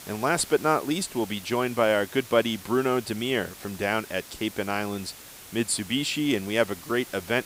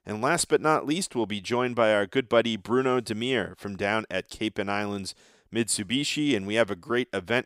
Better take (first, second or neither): second